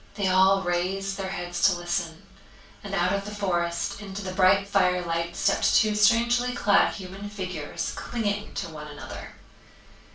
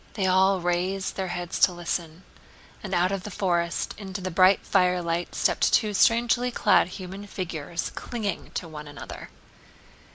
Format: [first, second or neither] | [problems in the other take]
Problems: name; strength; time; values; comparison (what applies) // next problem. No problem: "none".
second | room echo; dies away in 0.3 s